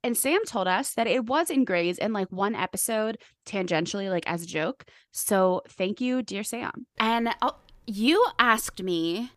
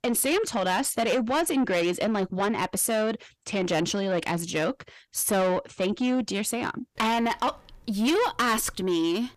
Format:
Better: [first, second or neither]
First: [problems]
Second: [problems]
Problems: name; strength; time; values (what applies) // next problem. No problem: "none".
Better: first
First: none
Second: distortion; heavy; 8 dB below the speech